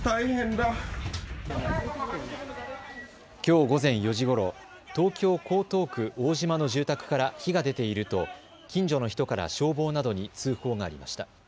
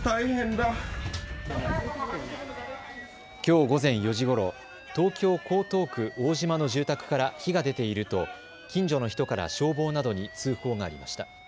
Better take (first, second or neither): first